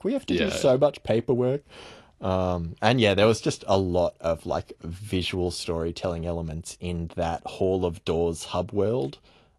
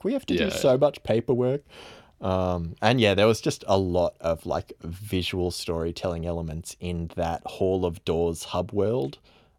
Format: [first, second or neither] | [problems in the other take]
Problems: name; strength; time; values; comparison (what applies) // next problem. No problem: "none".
second | garbled, watery; slightly; nothing above 11.5 kHz